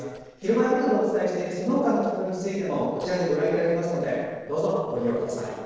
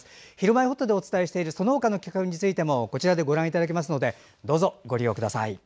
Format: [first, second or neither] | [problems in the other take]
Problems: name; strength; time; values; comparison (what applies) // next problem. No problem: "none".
second | noise reduction (neural separator model SepFormer DNS4)